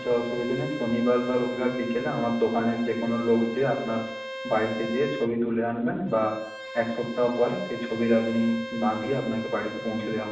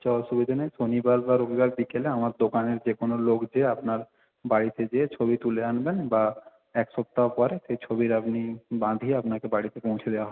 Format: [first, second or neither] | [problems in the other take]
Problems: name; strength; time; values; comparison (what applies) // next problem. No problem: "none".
second | background sound (Bowed string instrument); 11 dB below the speech // room echo; dies away in 0.6 s